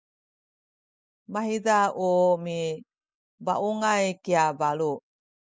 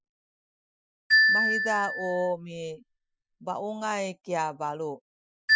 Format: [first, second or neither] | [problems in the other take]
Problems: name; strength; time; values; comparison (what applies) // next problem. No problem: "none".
first | noise reduction (classical method Wiener filter)